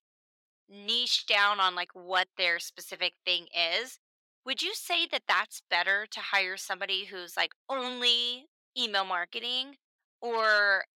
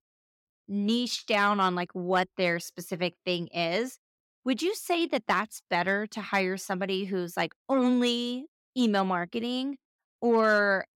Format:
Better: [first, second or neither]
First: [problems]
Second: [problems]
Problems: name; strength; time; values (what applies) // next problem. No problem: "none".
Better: second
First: thin; very; fading below 650 Hz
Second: none